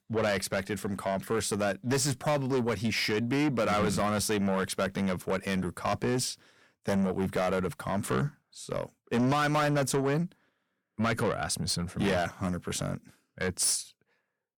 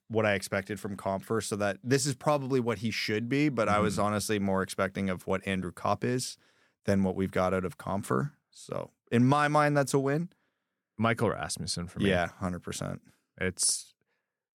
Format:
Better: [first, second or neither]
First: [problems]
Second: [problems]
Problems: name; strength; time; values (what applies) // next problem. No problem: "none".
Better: second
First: distortion; heavy; 7 dB below the speech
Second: none